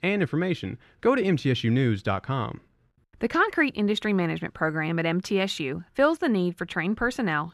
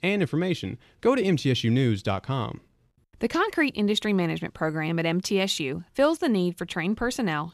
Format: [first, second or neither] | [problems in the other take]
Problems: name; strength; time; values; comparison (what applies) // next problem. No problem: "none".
second | muffled; very slightly; fading above 3.5 kHz